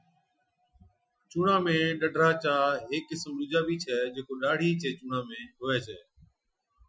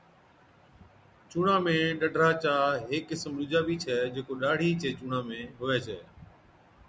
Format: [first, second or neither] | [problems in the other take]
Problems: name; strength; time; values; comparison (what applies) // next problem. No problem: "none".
second | noise reduction (classical method Wiener filter)